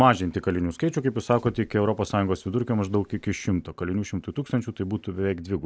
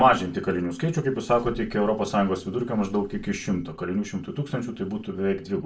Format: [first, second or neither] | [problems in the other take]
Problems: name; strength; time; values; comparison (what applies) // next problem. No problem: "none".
first | room echo; dies away in 0.3 s